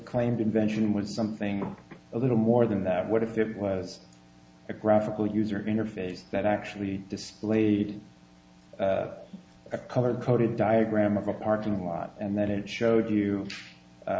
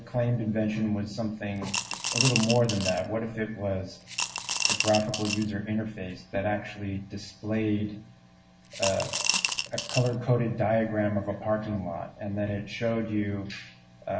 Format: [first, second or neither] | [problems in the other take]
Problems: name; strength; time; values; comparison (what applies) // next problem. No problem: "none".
first | background sound (Coin (dropping) / Glass); 2 dB below the speech // room echo; dies away in 0.2 s